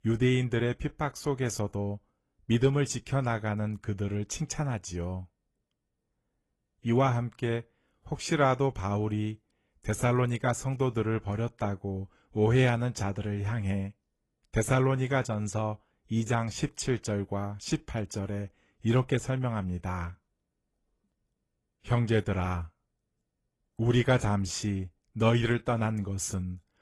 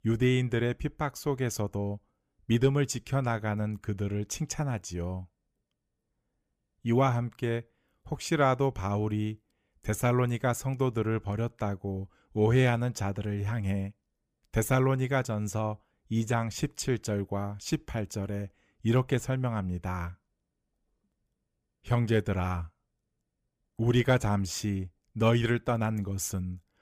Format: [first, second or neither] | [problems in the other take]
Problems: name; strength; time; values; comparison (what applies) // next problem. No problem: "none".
second | garbled, watery; slightly; nothing above 11.5 kHz